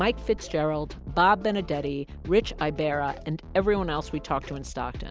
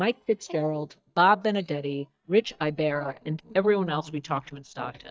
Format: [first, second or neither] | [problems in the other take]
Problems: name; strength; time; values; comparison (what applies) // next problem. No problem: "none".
first | noise reduction (neural mask model DeepFilterNet 3)